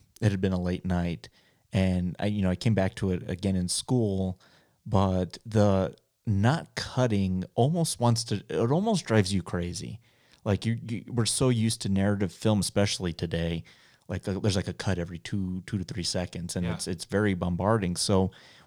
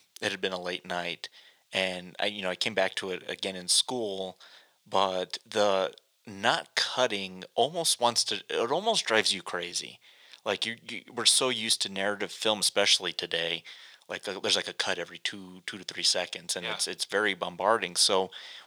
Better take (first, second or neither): first